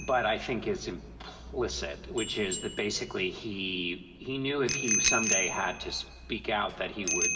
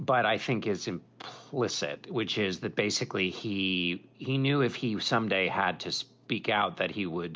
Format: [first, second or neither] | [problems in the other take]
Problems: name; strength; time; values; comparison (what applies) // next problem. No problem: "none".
second | background sound (Bicycle bell); 3 dB below the speech // room echo; dies away in 1.5 s